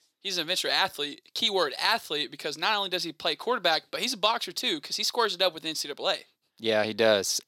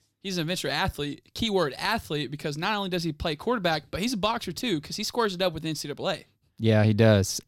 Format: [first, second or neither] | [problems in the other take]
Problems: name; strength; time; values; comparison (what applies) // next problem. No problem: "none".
second | thin; somewhat; fading below 450 Hz